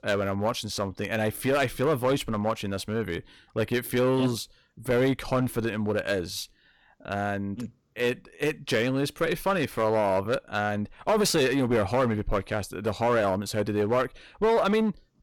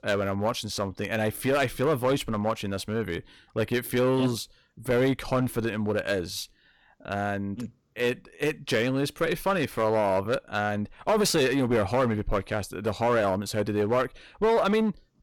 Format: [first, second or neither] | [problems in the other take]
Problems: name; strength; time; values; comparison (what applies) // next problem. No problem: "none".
neither | distortion; slight; 7% of the sound clipped; the same in both